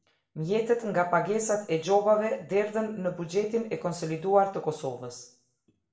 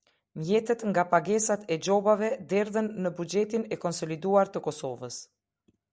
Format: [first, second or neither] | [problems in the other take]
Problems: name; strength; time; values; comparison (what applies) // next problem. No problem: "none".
second | room echo; dies away in 0.5 s